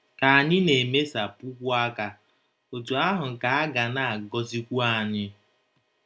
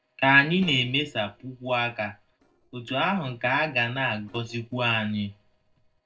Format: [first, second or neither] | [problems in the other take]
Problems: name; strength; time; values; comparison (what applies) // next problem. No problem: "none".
first | noise reduction (neural separator model SepFormer DNS4)